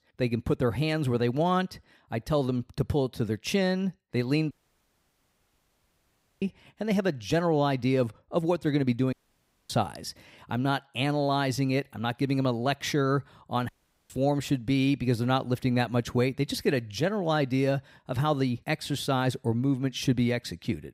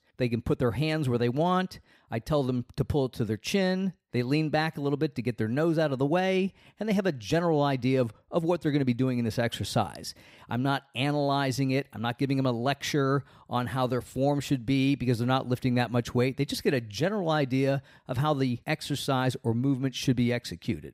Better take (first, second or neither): second